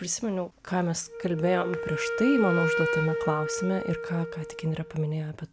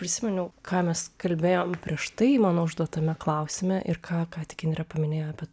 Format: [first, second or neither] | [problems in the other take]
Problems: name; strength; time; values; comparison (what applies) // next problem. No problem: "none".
second | background sound (Wind instrument, woodwind instrument); 4 dB below the speech